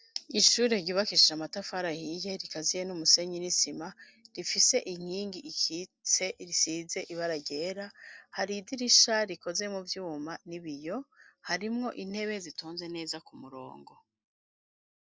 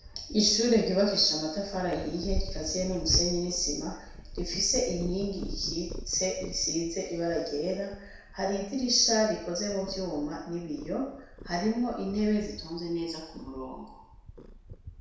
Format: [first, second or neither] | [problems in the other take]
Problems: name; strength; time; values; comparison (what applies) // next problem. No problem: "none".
first | background sound (Purr); 11 dB below the speech // room echo; dies away in 0.7 s